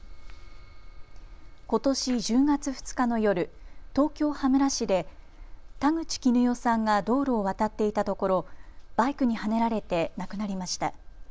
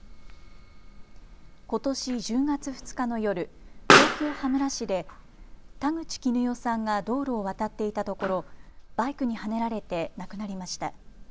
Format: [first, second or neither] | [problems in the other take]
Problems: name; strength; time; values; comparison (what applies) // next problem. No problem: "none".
first | background sound (Explosion); 1 dB below the speech